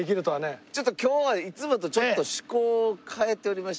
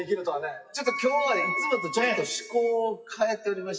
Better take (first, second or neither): first